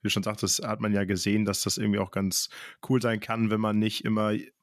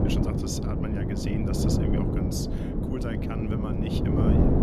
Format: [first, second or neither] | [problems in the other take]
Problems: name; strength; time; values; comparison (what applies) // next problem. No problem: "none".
first | wind noise on the microphone; heavy; 5 dB above the speech